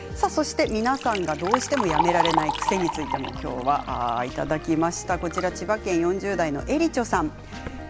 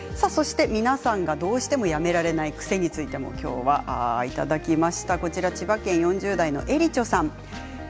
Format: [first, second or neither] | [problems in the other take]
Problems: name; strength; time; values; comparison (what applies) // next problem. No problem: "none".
second | background sound (Liquid); 6 dB below the speech